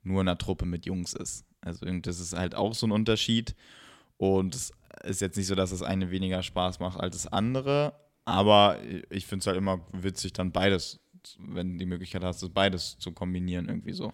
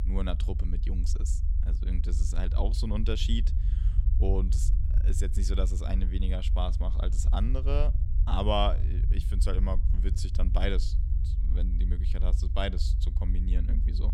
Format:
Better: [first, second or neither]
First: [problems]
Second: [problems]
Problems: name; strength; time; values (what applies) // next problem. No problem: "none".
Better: first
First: none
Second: low rumble; noticeable; throughout; 10 dB below the speech